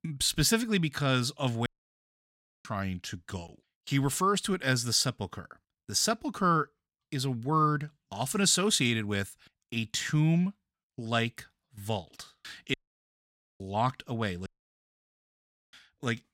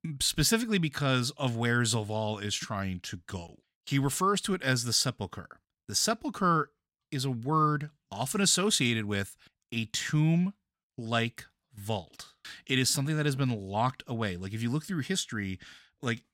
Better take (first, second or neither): second